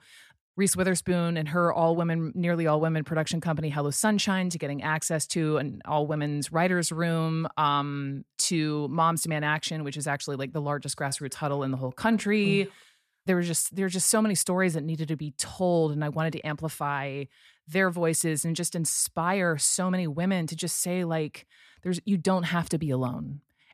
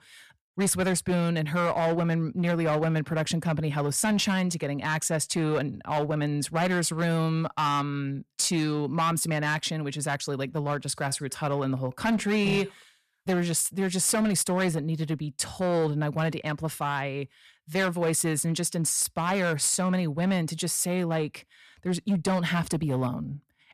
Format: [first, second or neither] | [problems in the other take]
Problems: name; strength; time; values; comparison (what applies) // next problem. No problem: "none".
first | distortion; slight; 8% of the sound clipped